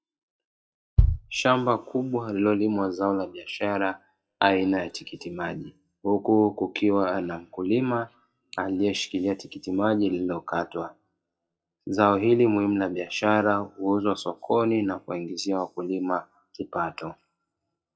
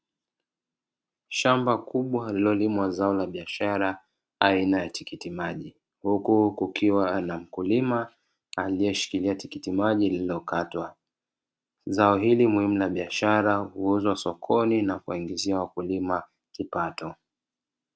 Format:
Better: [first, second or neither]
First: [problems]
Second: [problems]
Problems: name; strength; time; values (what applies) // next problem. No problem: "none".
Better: second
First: noise reduction (classical method WPE with log-MMSE)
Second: none